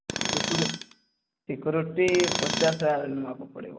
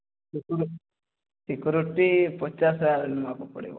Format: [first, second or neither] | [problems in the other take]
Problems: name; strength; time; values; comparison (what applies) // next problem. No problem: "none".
second | background sound (Tools); 3 dB below the speech